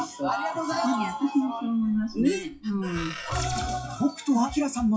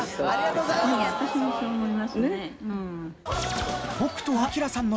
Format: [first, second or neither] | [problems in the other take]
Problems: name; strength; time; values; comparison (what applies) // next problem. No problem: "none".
second | noise reduction (classical method WPE with log-MMSE)